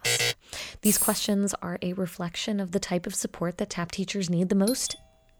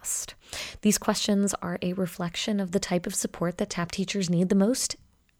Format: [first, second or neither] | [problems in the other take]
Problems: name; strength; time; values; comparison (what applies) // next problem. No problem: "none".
second | alarm; loud; at the start; peak 4 dB above the speech // jangling keys; loud; at 1 s; peak 4 dB above the speech // doorbell; noticeable; at 4.5 s; peak 7 dB below the speech